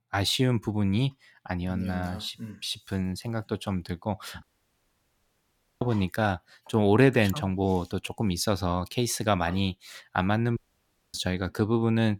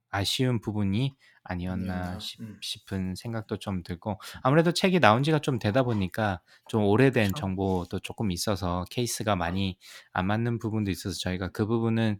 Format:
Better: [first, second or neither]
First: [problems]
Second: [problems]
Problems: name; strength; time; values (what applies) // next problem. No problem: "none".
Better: second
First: audio cutting out; at 4.5 s for 1.5 s and at 11 s for 0.5 s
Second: none